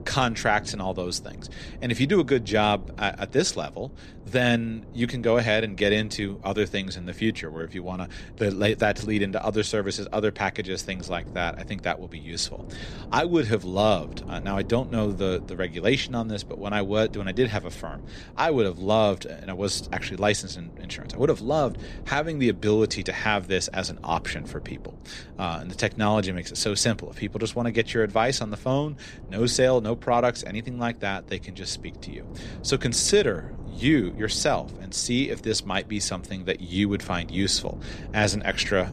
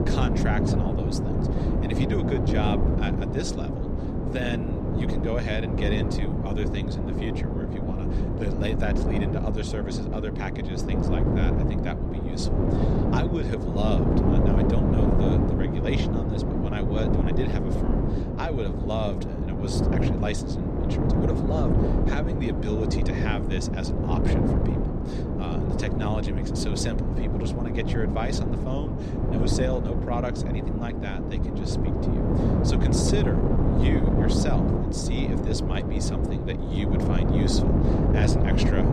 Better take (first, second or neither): first